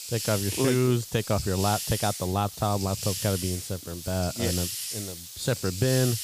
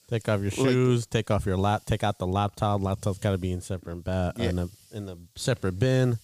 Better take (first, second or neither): second